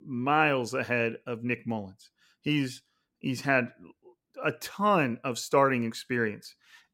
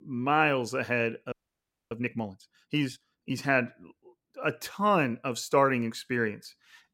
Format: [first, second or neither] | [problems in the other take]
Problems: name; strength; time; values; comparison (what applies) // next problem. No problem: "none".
first | audio freezing; at 1.5 s for 0.5 s